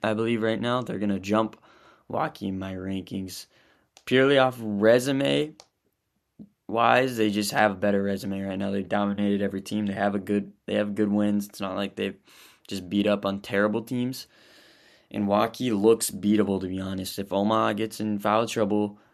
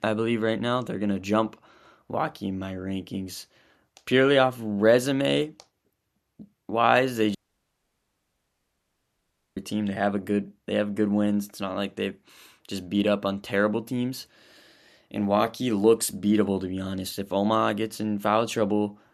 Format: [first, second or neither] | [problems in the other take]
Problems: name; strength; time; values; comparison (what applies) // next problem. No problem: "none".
first | audio cutting out; at 7.5 s for 2 s